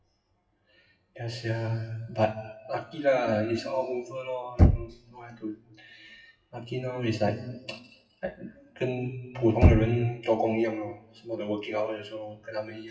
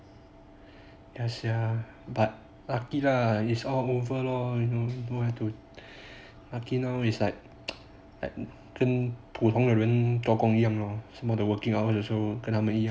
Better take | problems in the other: second | noise reduction (classical method WPE with log-MMSE)

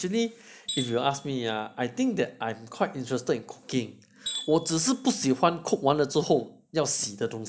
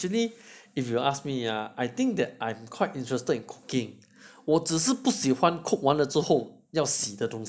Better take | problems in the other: second | background sound (Tools); 15 dB below the speech

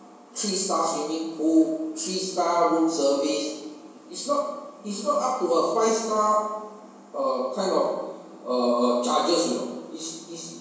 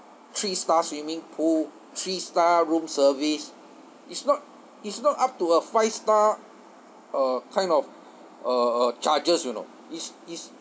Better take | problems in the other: second | room echo; dies away in 1 s

